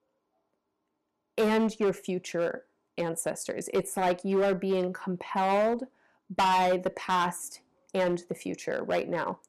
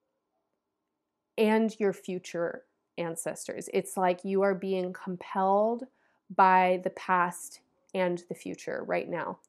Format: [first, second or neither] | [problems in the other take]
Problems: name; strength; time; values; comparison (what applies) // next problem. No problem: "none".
second | distortion; heavy; 7% of the sound clipped